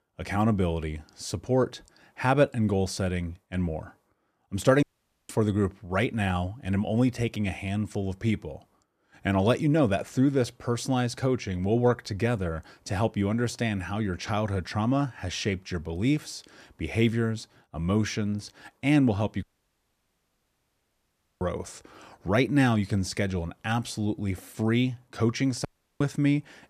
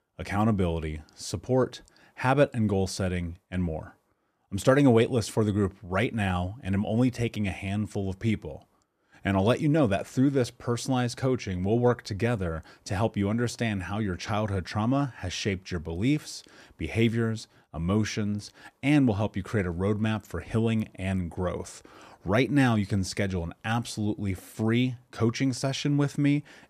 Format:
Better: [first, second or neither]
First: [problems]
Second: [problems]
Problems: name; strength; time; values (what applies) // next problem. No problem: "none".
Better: second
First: audio cutting out; at 5 s, at 19 s for 2 s and at 26 s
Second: none